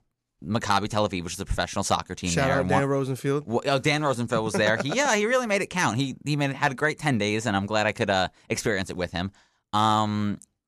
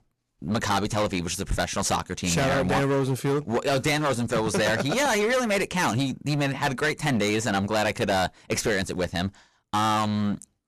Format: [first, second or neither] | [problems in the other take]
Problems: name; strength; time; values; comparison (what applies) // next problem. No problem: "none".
first | distortion; heavy; 18% of the sound clipped